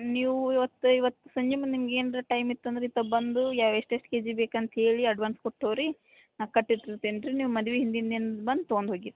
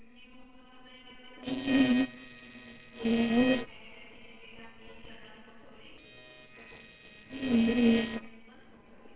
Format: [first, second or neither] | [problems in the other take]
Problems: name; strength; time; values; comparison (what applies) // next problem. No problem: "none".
first | noise reduction (neural separator model SepFormer WHAMR!)